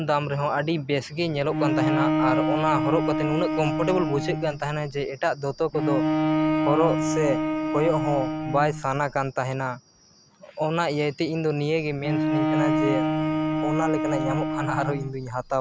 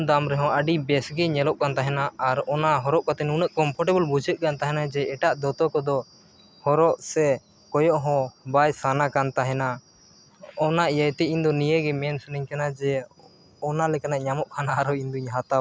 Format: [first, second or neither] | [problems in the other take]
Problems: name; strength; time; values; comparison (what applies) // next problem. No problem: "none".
second | background sound (Bowed string instrument); 1 dB above the speech